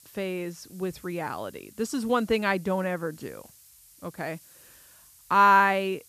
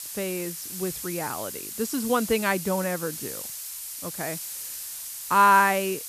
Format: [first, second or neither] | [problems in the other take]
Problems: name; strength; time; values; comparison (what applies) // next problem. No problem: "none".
first | hiss; loud; throughout; 8 dB below the speech; faint in the first